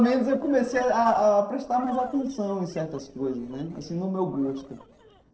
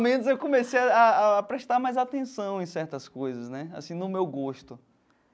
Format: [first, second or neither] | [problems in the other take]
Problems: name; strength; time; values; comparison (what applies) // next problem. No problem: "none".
second | noise reduction (neural separator model SepFormer DNS4)